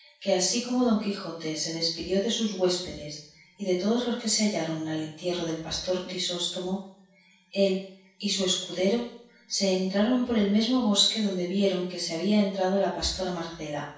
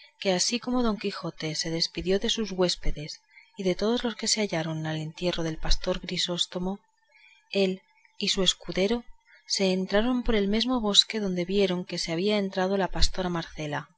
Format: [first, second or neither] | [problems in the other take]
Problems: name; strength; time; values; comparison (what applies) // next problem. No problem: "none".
second | room echo; dies away in 0.7 s